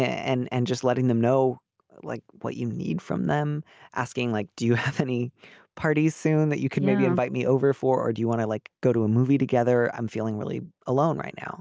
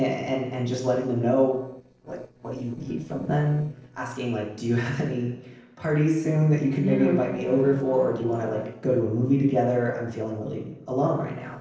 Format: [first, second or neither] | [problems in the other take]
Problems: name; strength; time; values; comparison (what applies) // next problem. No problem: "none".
first | noise reduction (neural separator model SepFormer DNS4)